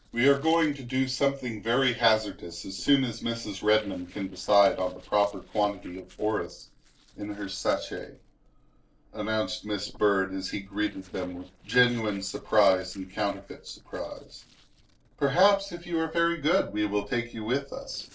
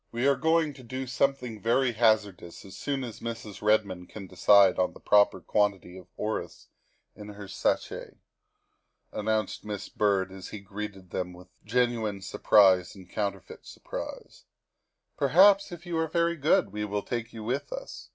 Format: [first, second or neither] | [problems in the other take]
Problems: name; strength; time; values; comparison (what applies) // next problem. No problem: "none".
second | noise reduction (neural separator model SepFormer DNS4)